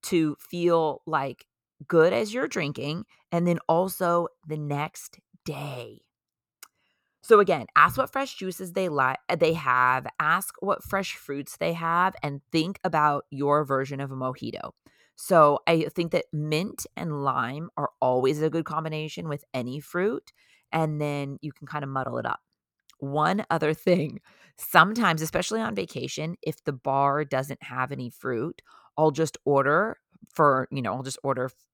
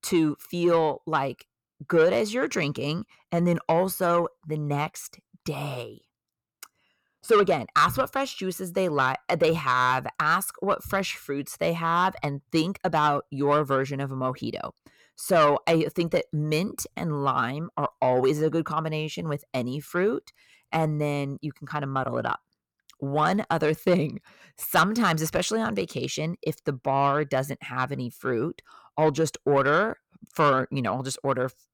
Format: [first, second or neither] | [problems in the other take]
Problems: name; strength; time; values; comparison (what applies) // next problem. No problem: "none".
first | distortion; slight; 10 dB below the speech